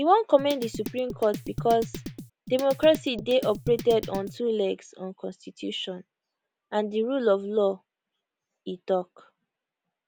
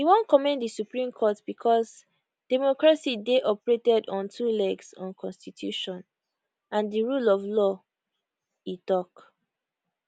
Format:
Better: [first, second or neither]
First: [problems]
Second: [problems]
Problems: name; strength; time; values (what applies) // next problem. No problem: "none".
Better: second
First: background sound (Drum kit); 10 dB below the speech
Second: none